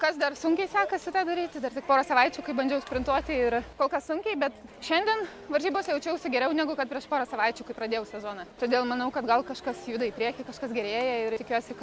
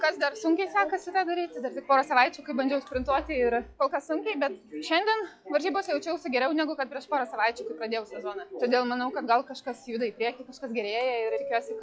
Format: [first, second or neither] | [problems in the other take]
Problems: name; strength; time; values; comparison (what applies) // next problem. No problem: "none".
first | noise reduction (classical method log-MMSE)